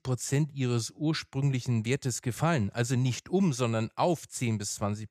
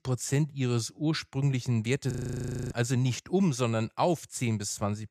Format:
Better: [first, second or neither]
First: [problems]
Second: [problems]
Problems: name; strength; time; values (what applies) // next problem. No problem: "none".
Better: first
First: none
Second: audio freezing; at 2 s for 0.5 s